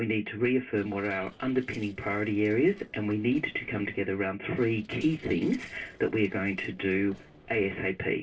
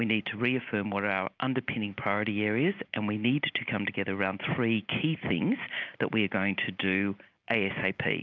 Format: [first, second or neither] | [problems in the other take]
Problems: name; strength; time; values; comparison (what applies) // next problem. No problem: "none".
second | noise reduction (neural separator model SepFormer DNS4)